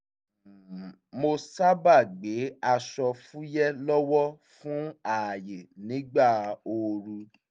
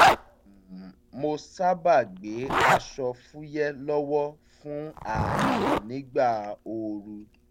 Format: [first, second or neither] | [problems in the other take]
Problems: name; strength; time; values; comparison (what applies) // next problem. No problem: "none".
first | background sound (Zipper (clothing)); as loud as the speech